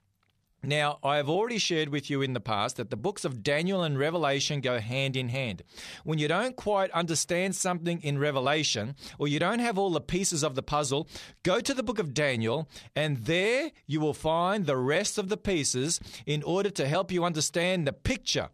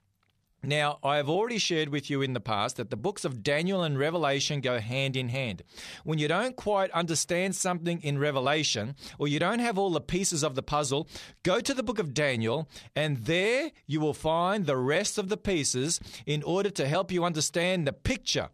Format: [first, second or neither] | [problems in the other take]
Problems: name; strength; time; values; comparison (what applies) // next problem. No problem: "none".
neither | none